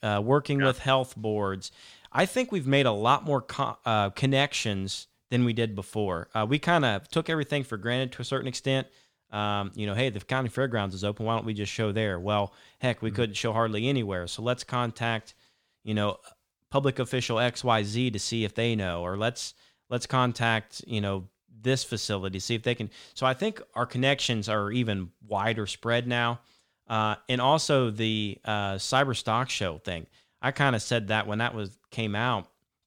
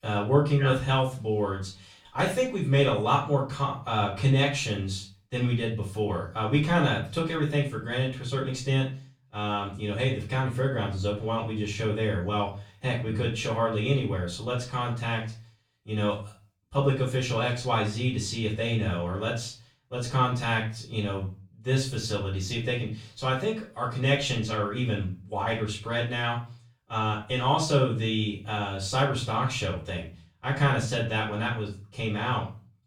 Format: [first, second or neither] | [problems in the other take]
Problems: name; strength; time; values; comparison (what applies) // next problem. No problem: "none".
first | off-mic speech; far // room echo; slight; dies away in 0.3 s